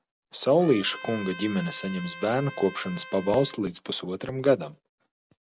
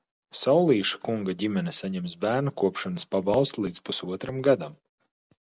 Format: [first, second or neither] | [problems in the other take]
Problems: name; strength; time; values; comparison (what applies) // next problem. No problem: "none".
second | background sound (Trumpet); 15 dB below the speech